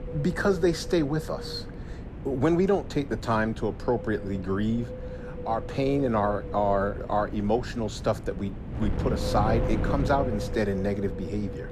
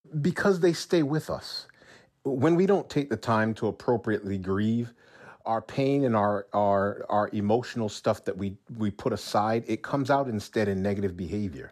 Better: second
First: wind noise on the microphone; occasional gusts; 10 dB below the speech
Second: none

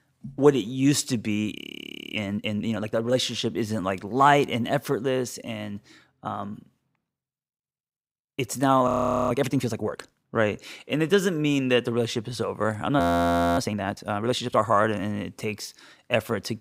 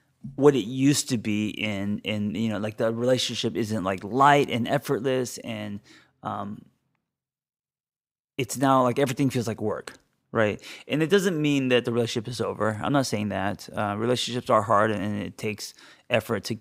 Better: second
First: audio freezing; at 1.5 s for 0.5 s, at 9 s and at 13 s for 0.5 s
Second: none

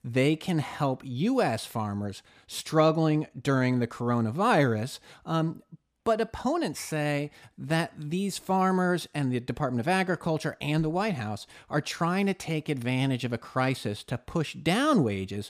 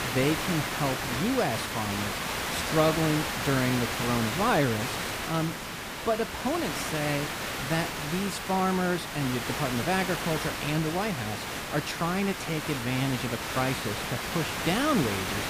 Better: first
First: none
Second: hiss; loud; throughout; 2 dB below the speech

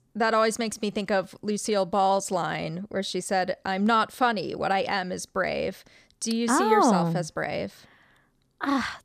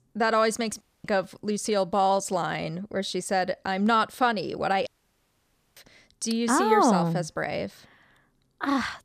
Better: first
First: none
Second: audio cutting out; at 1 s and at 5 s for 1 s

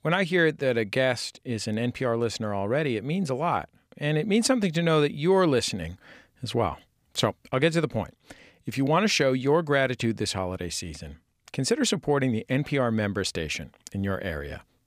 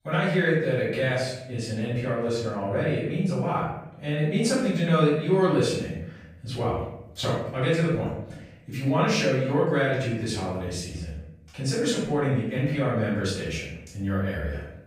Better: first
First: none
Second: room echo; noticeable; dies away in 0.8 s // off-mic speech; far

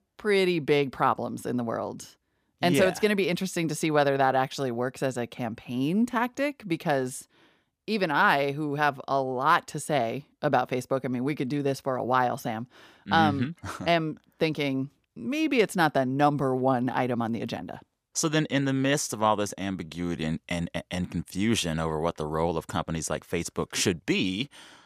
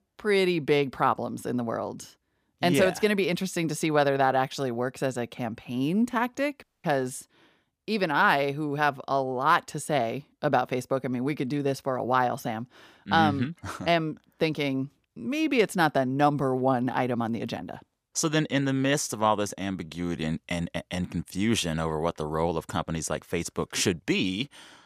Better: first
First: none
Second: audio cutting out; at 6.5 s

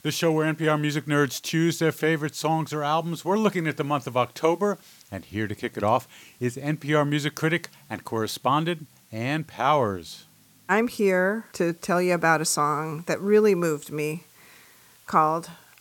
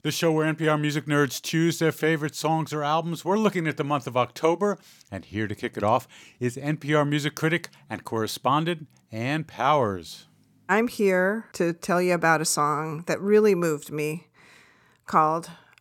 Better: second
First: hiss; faint; throughout; 30 dB below the speech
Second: none

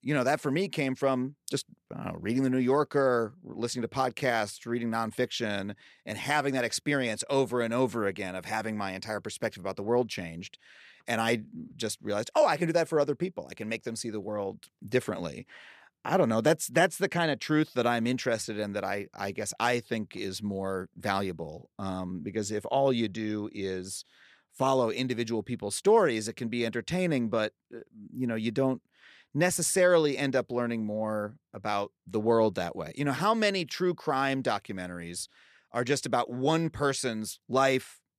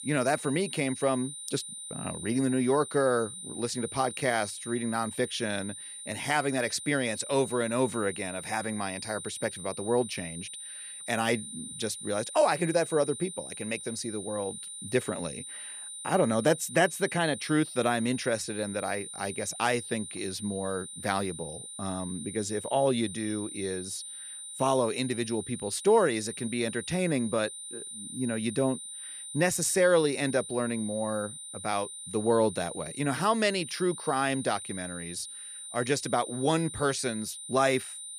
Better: first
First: none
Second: high-pitched whine; loud; throughout; 9 kHz, 9 dB below the speech

